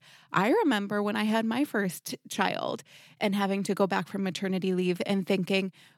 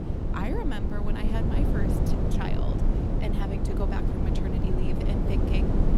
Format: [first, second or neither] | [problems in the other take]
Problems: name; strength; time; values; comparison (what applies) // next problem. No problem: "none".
first | wind noise on the microphone; heavy; 2 dB above the speech